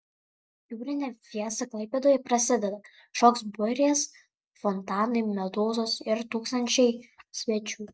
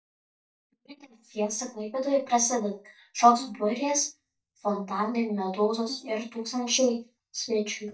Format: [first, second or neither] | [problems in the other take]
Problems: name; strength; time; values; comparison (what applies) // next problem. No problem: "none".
first | noise reduction (neural mask model DeepFilterNet 3)